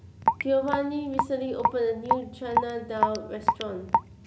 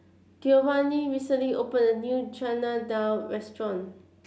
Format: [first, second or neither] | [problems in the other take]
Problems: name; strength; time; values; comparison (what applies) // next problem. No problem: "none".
second | background sound (Raindrop / Drip); 1 dB above the speech